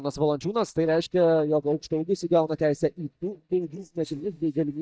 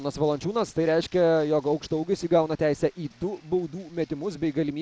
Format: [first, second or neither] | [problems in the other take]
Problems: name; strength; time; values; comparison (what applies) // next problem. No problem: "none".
second | noise reduction (neural mask model DeepFilterNet 3)